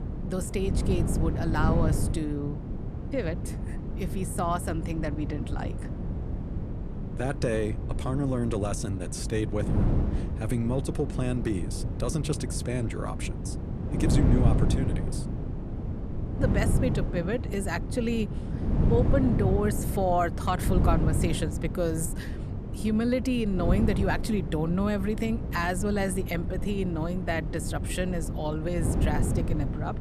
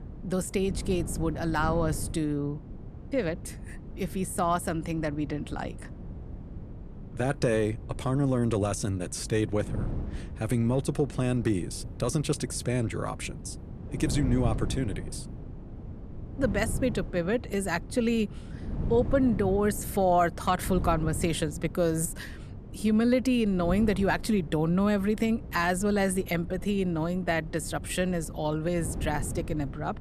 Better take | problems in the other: second | wind noise on the microphone; heavy; 7 dB below the speech; occasional gusts in the second

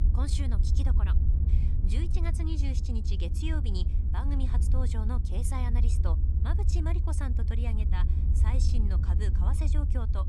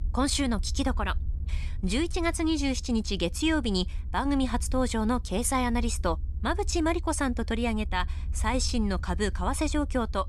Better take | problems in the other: second | low rumble; loud; throughout; 3 dB below the speech; faint in the second

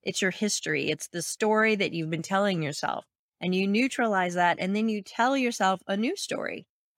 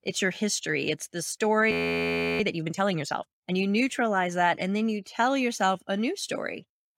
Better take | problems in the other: first | audio freezing; at 1.5 s for 0.5 s

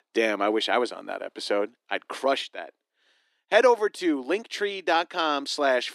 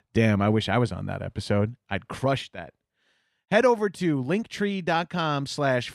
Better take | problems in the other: second | thin; somewhat; fading below 300 Hz

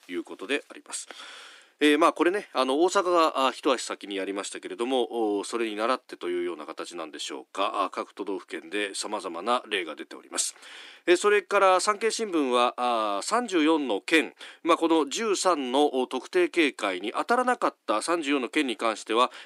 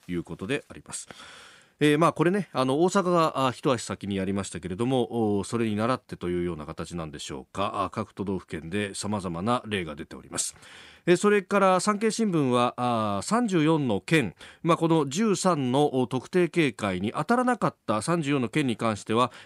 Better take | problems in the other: second | thin; somewhat; fading below 300 Hz

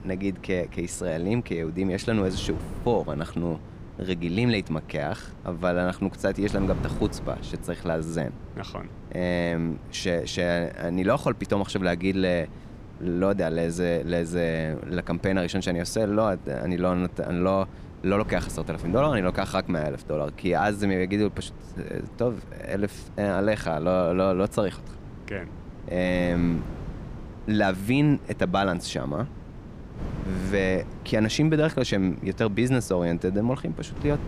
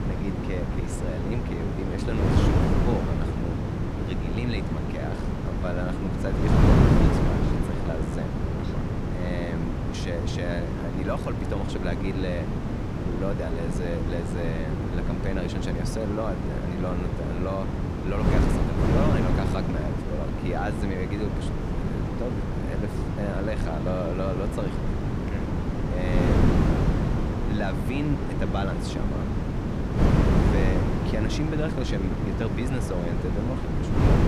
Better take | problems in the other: first | wind noise on the microphone; heavy; 2 dB above the speech; occasional gusts in the first

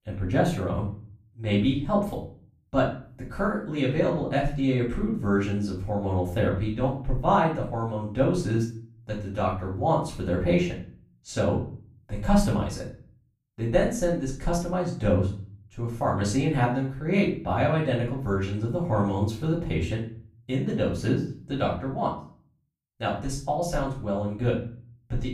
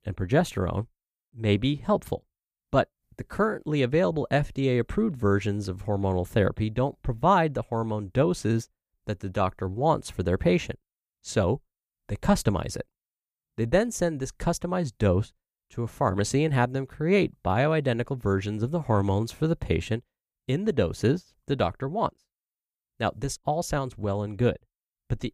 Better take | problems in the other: second | off-mic speech; far // room echo; noticeable; dies away in 0.4 s

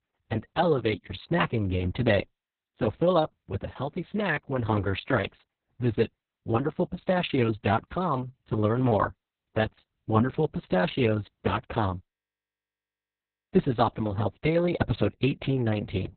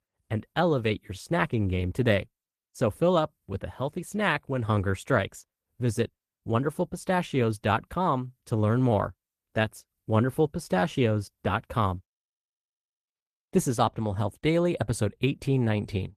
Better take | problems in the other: second | garbled, watery; badly; nothing above 4 kHz; slightly in the second

